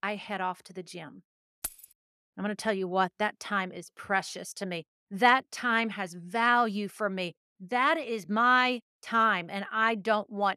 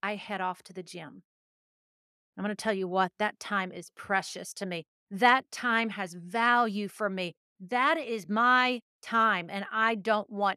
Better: second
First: jangling keys; faint; at 1.5 s; peak 10 dB below the speech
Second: none

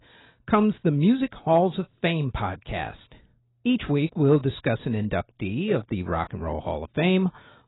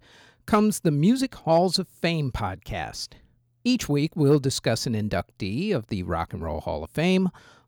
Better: second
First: garbled, watery; badly; nothing above 4 kHz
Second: none

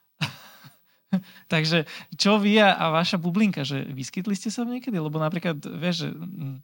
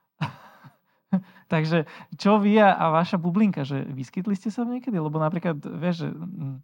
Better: first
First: none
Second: muffled; slightly; fading above 2.5 kHz

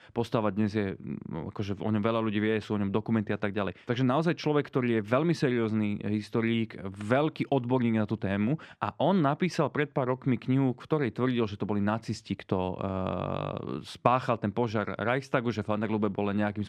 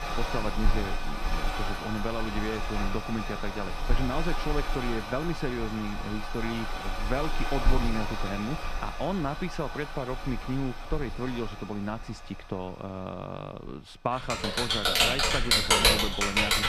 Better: first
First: none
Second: household noises; very loud; throughout; 5 dB above the speech

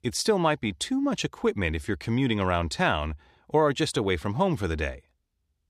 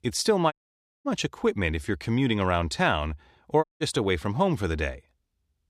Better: first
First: none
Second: audio cutting out; at 0.5 s for 0.5 s and at 3.5 s

